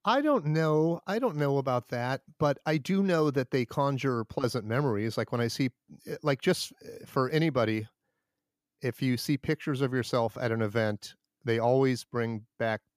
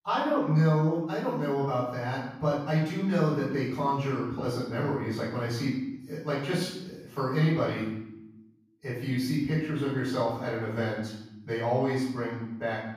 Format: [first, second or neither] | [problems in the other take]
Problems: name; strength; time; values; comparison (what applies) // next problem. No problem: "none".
first | off-mic speech; far // room echo; noticeable; dies away in 0.8 s